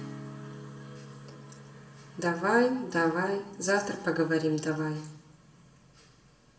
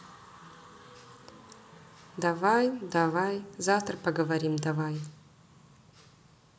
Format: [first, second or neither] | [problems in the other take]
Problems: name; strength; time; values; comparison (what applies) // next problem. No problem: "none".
second | background sound (Acoustic guitar / Strum); 18 dB below the speech // room echo; dies away in 0.9 s